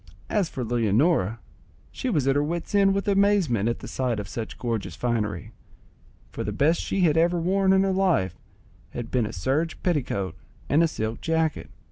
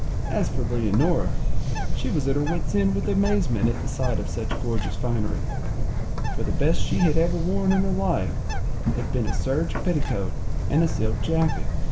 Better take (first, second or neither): first